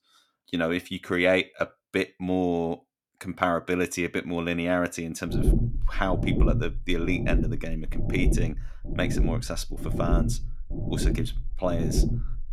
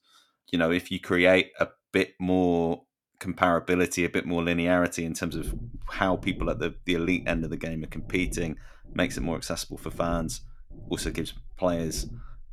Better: second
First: low rumble; loud; from 5.5 s on; 8 dB below the speech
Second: low rumble; faint; from 5.5 s on; 25 dB below the speech

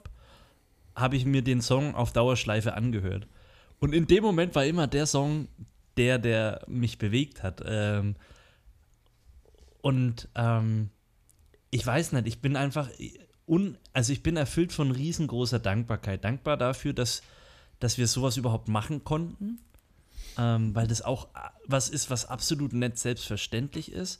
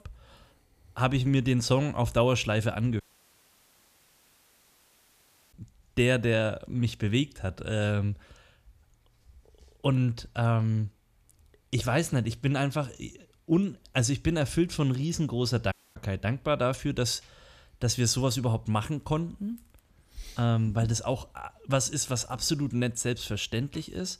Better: first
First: none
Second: audio cutting out; at 3 s for 2.5 s and at 16 s

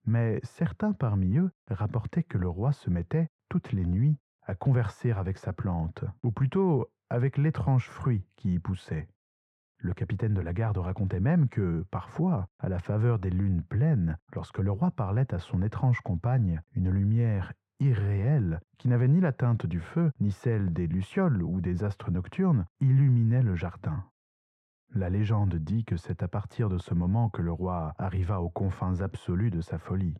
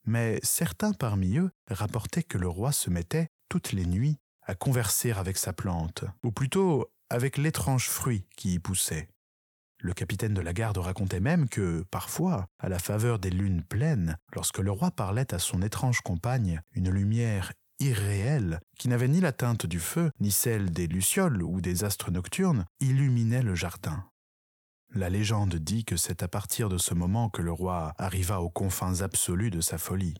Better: second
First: muffled; very; fading above 1.5 kHz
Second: none

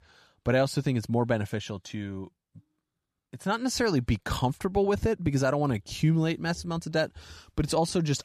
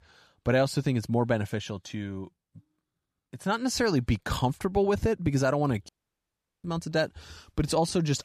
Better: first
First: none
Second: audio cutting out; at 6 s for 1 s

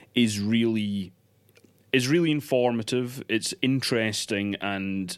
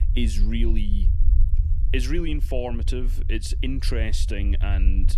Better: first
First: none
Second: low rumble; noticeable; throughout; 15 dB below the speech

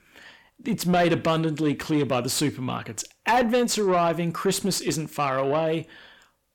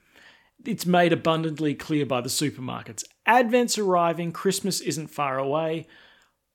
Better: second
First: distortion; slight; 10 dB below the speech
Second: none

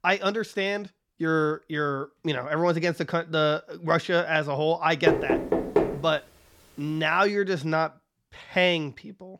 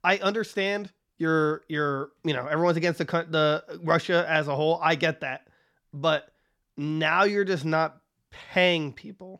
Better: second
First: door banging; loud; at 5 s; peak 2 dB above the speech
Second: none

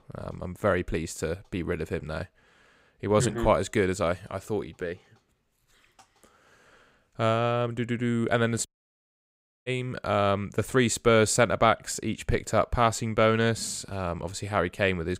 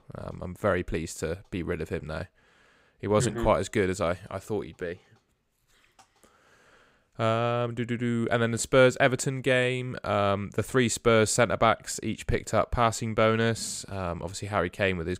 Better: second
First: audio cutting out; at 8.5 s for 1 s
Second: none

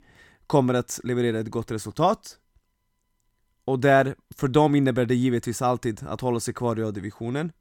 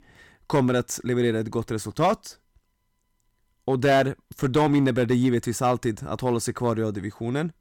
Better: first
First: none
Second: distortion; slight; 3% of the sound clipped

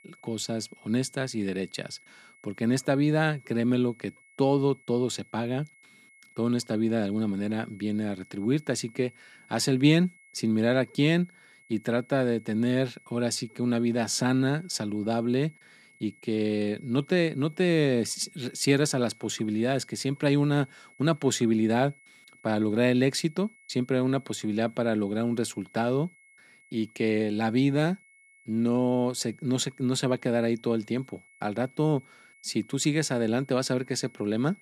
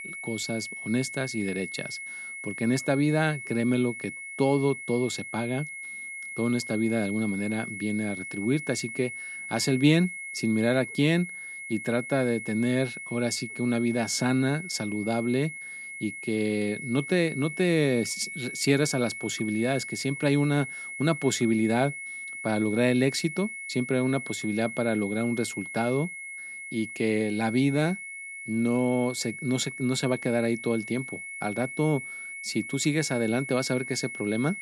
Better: first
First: high-pitched whine; faint; throughout; 2 kHz, 30 dB below the speech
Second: high-pitched whine; loud; throughout; 2 kHz, 9 dB below the speech

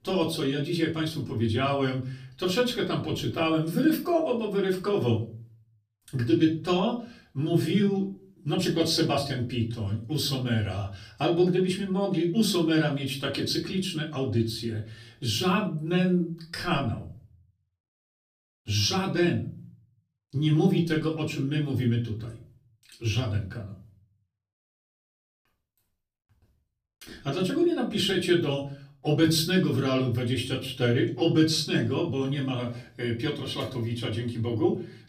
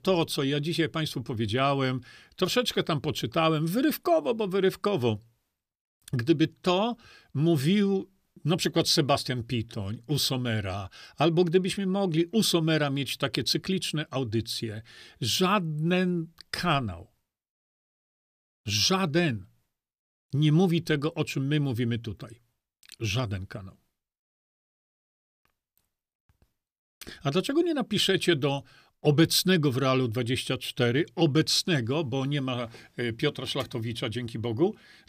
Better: second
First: room echo; slight; dies away in 0.4 s // off-mic speech; far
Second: none

